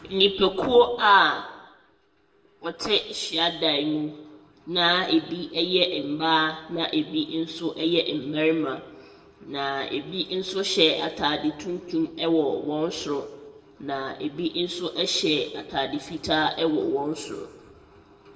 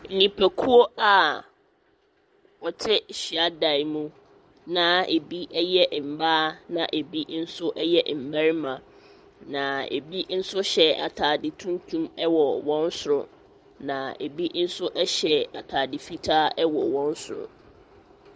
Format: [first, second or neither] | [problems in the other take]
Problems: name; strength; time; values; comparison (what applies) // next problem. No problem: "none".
second | room echo; dies away in 0.8 s